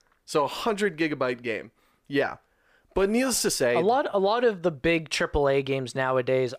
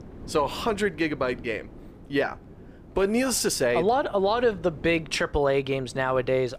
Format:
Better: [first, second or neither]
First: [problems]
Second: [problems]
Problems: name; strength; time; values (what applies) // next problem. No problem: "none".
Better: first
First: none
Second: wind noise on the microphone; occasional gusts; 25 dB below the speech